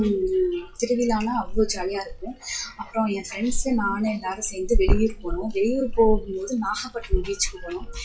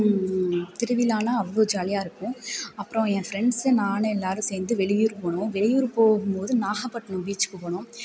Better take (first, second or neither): second